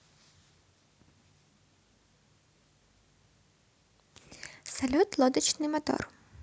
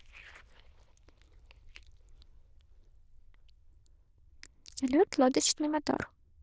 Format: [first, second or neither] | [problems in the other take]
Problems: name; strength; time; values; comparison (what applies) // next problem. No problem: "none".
first | noise reduction (neural diffusion model UNIVERSE++)